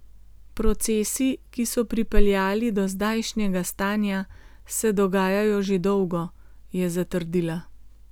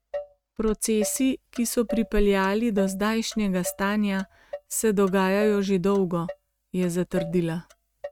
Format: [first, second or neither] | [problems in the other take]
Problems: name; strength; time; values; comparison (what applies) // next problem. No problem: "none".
first | noise reduction (neural mask model RNNoise)